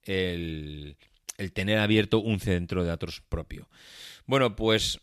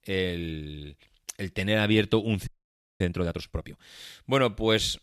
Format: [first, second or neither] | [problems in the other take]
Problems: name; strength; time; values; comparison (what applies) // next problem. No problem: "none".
first | audio freezing; at 2.5 s for 0.5 s